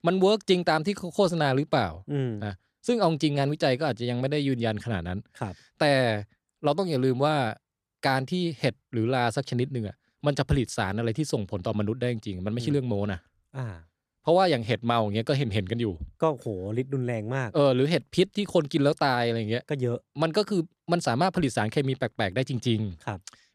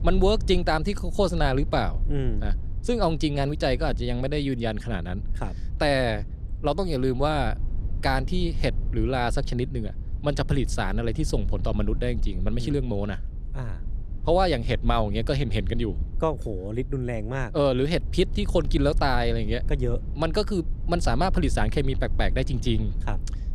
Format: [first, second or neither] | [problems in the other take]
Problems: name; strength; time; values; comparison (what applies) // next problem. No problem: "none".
first | low rumble; faint; throughout; 20 dB below the speech